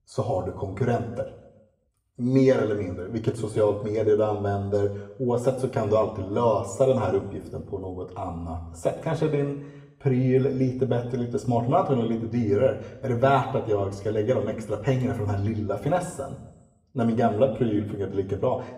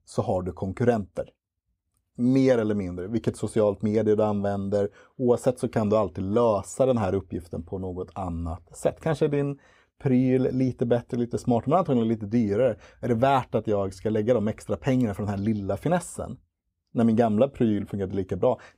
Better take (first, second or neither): second